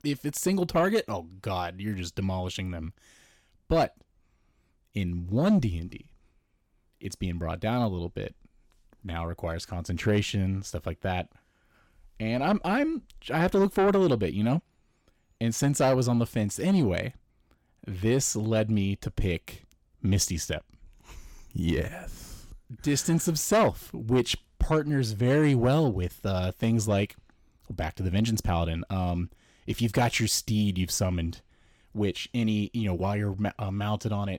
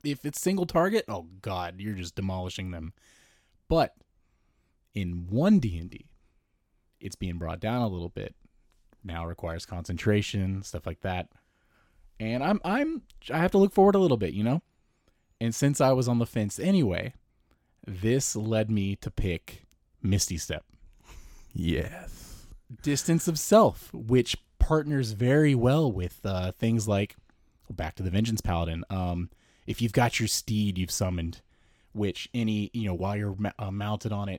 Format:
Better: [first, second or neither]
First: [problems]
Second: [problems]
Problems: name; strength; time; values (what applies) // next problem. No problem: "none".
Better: second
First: distortion; slight; 10 dB below the speech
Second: none